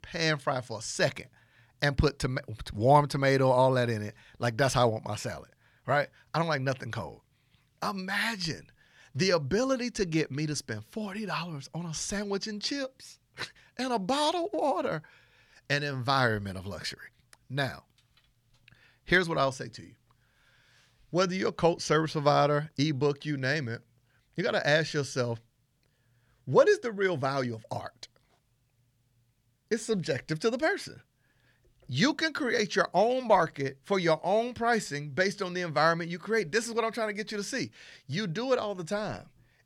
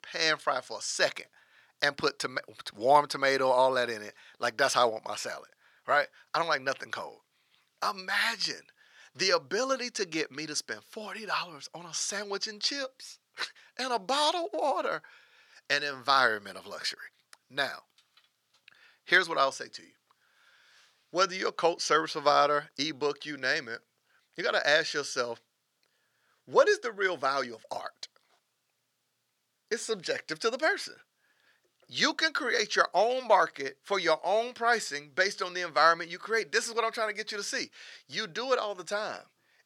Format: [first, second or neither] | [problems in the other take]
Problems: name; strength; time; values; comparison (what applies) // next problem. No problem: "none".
first | thin; somewhat; fading below 400 Hz